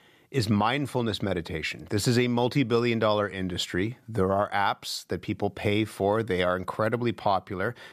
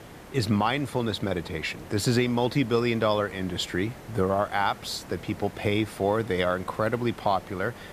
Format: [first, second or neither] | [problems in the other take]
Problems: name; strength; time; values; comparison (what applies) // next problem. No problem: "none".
first | hiss; noticeable; throughout; 20 dB below the speech